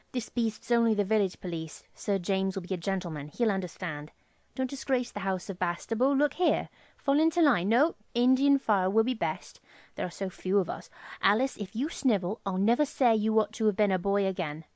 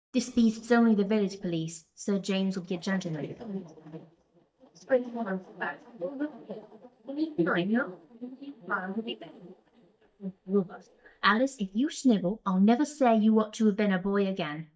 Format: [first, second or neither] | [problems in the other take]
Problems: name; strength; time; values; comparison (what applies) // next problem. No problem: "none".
first | noise reduction (neural mask model DeepFilterNet 3)